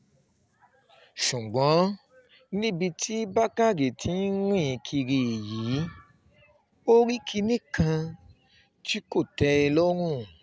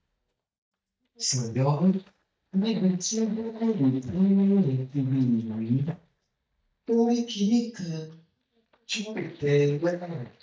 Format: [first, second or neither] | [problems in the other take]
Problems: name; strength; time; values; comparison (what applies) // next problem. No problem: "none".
first | noise reduction (neural mask model DeepFilterNet 3)